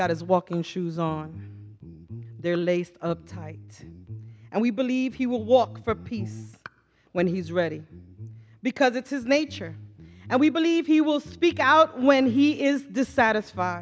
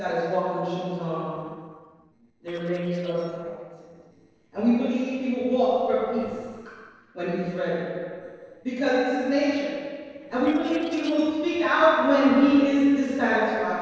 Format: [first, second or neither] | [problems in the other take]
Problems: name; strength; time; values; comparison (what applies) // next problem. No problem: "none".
first | noise reduction (neural separator model SepFormer DNS4)